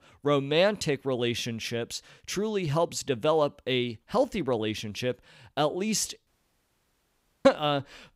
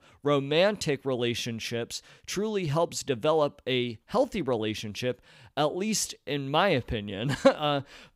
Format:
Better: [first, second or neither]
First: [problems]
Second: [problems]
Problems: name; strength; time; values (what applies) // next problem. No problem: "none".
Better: second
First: audio cutting out; at 6.5 s for 1 s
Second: none